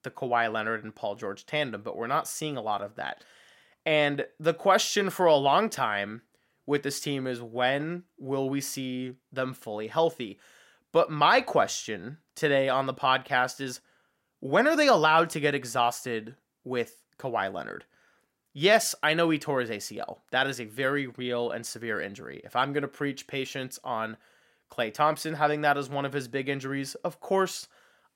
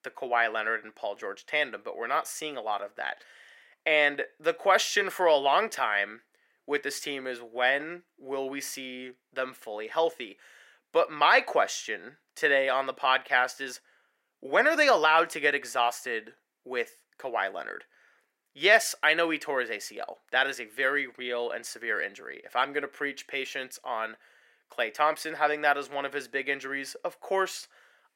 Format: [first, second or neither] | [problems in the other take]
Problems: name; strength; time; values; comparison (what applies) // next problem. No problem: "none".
first | thin; somewhat; fading below 450 Hz